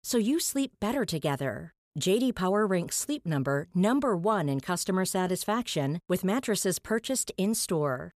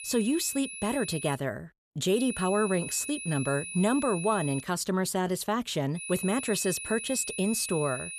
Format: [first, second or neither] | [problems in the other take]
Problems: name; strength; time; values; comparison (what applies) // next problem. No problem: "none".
first | high-pitched whine; loud; until 1.5 s, from 2 to 4.5 s and from 6 s on; 2.5 kHz, 8 dB below the speech